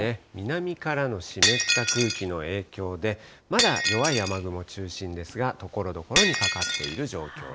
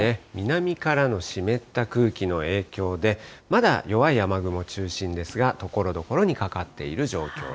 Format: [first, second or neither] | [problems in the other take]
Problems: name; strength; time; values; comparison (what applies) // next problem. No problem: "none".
second | background sound (Shatter); as loud as the speech